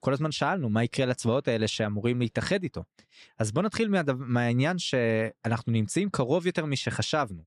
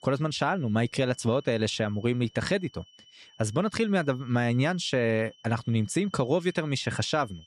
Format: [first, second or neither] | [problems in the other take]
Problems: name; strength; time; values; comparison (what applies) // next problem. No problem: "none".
first | high-pitched whine; faint; throughout; 3 kHz, 25 dB below the speech